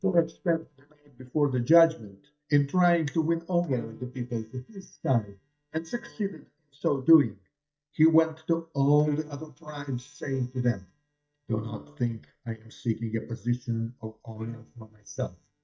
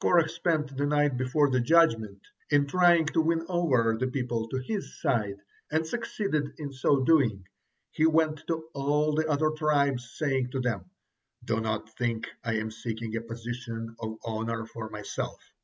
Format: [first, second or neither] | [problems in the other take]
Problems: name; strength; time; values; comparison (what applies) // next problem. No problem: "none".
second | noise reduction (neural mask model DeepFilterNet 3)